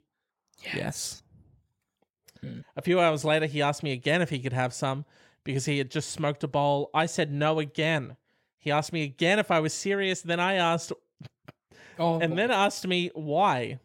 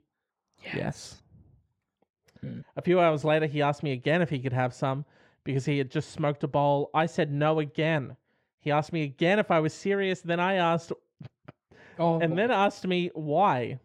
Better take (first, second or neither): first